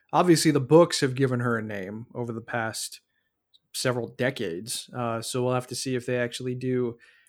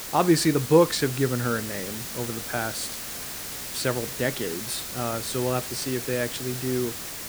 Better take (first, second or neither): first